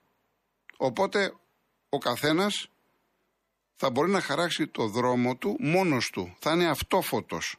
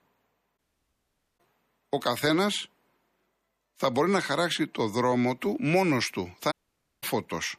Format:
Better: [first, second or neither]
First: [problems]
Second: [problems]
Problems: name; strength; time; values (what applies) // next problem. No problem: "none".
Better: first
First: none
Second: audio cutting out; at 0.5 s for 1 s and at 6.5 s for 0.5 s